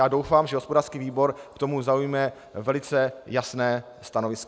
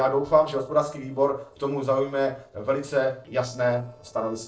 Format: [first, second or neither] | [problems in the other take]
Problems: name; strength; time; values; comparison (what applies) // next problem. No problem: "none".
first | noise reduction (neural separator model SepFormer DNS4)